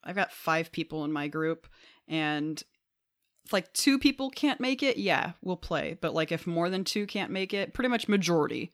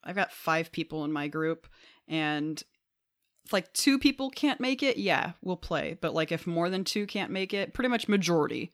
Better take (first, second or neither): neither